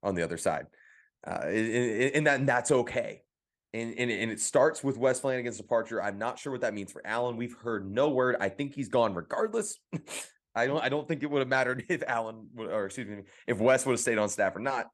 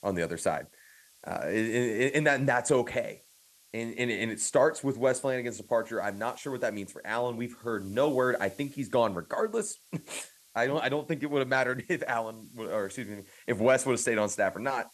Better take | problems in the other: first | hiss; faint; throughout; 25 dB below the speech

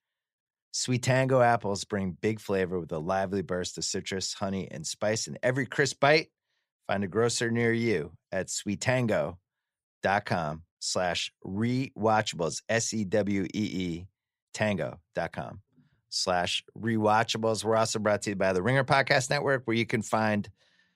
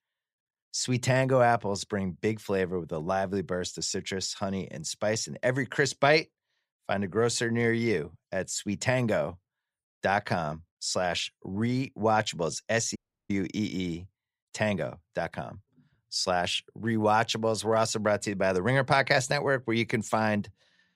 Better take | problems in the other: first | audio cutting out; at 13 s

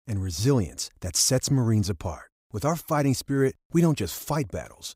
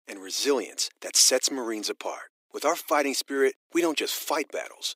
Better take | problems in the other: first | thin; very; fading below 300 Hz

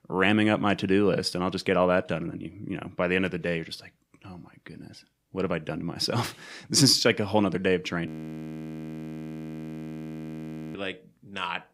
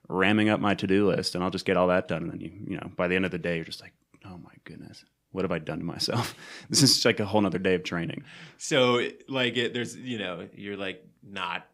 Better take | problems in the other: second | audio freezing; at 8 s for 2.5 s

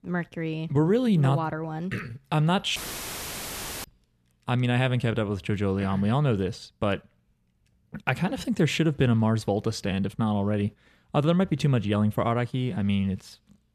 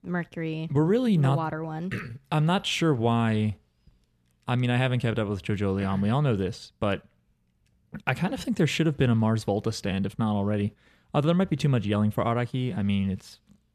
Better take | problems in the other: second | audio cutting out; filled with static; at 3 s for 1 s

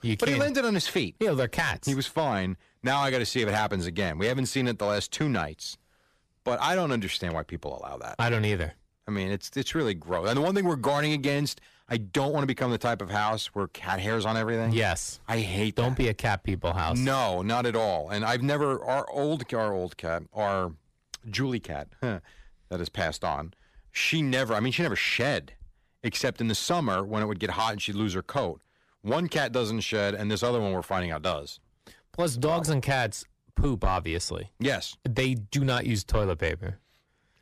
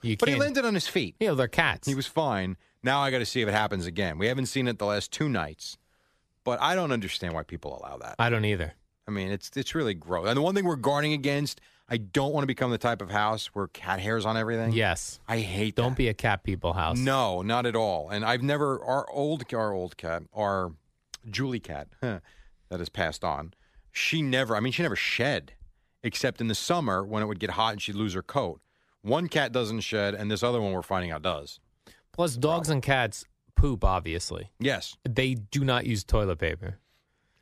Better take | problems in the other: second | distortion; slight; 10 dB below the speech

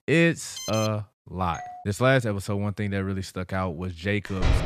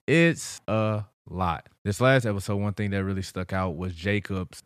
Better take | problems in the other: second | alarm; noticeable; at 0.5 s; peak 7 dB below the speech // doorbell; faint; at 1.5 s; peak 15 dB below the speech // door banging; very faint; at 4.5 s; peak level with the speech

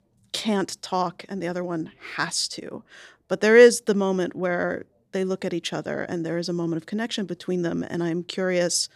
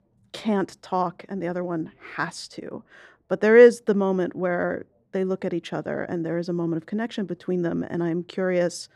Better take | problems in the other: first | muffled; slightly; fading above 2.5 kHz

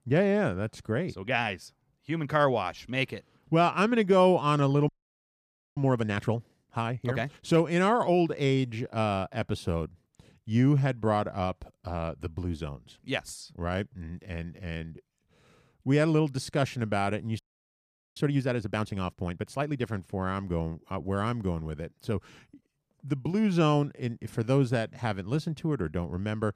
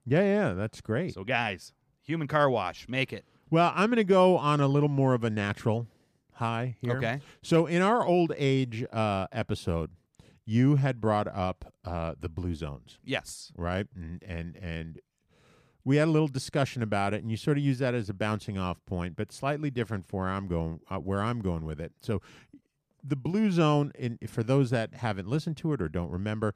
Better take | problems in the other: second | audio freezing; at 5 s for 1 s and at 17 s for 1 s

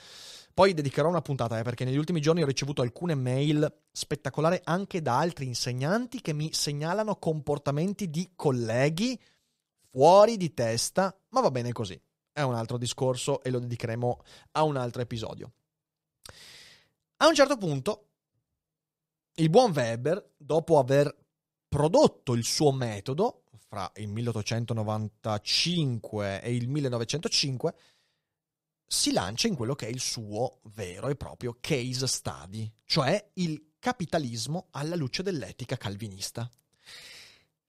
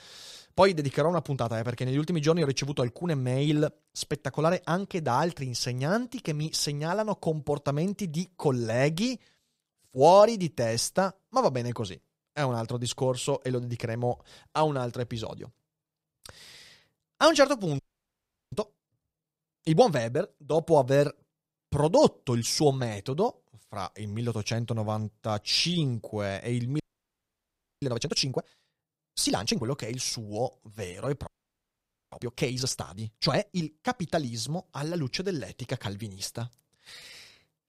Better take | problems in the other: first | audio freezing; at 18 s for 0.5 s, at 27 s for 1 s and at 31 s for 1 s

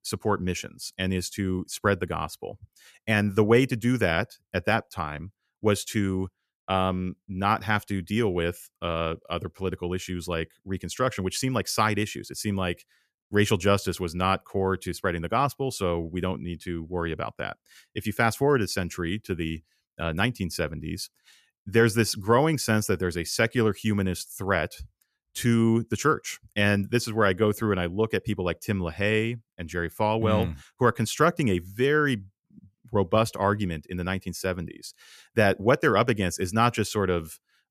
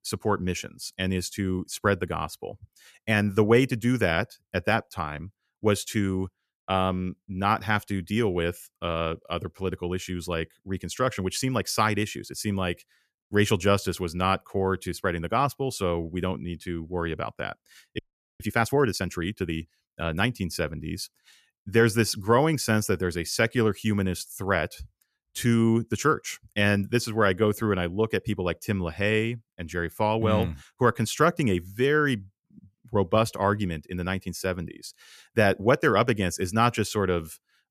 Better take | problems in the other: first | audio freezing; at 18 s

